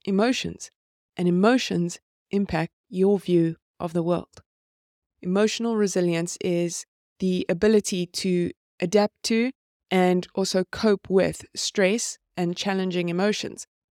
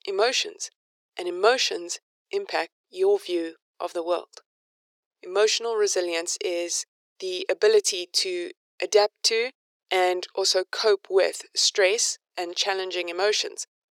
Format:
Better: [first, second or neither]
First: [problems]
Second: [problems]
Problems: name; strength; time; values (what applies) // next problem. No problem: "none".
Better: first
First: none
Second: thin; very; fading below 400 Hz